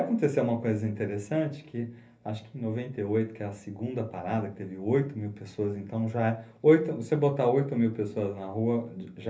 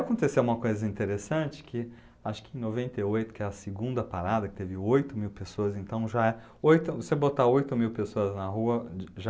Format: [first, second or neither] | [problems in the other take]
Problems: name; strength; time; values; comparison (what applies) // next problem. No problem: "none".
second | room echo; dies away in 0.3 s